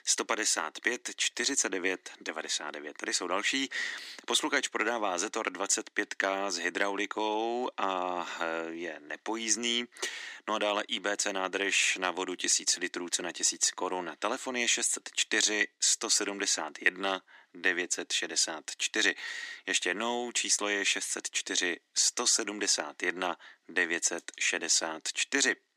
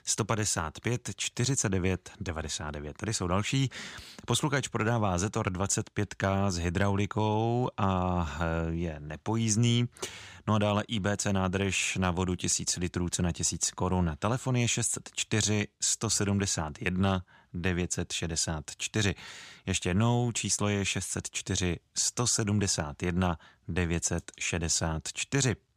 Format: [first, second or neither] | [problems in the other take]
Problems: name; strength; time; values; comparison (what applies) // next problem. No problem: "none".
second | thin; very; fading below 300 Hz